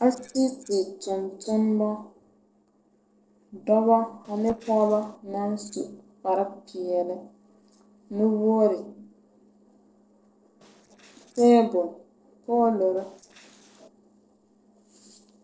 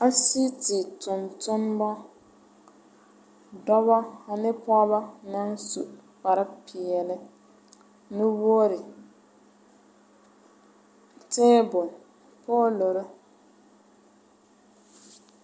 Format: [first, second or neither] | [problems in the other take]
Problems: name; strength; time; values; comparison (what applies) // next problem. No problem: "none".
second | noise reduction (neural separator model SepFormer DNS4)